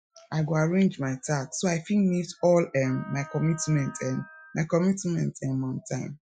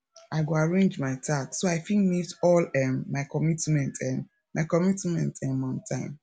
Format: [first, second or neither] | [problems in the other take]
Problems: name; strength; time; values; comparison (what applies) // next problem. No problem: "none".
second | noise reduction (classical method Wiener filter)